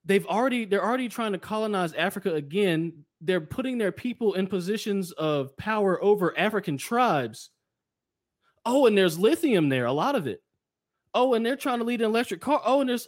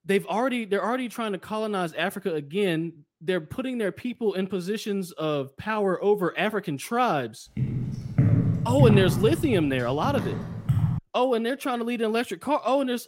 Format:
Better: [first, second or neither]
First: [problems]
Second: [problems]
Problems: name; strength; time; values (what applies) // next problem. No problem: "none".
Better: first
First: none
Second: footsteps; loud; from 7.5 to 11 s; peak 6 dB above the speech